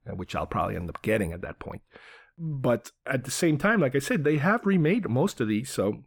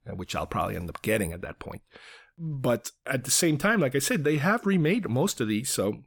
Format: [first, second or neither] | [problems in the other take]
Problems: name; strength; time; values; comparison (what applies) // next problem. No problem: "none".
second | muffled; slightly; fading above 3 kHz